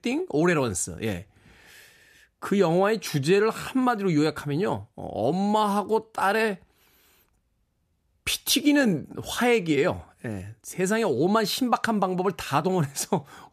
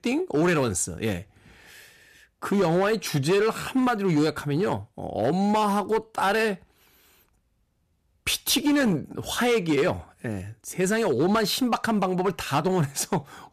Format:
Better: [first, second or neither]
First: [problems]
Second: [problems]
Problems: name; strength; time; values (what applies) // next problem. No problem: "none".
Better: first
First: none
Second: distortion; slight; 8% of the sound clipped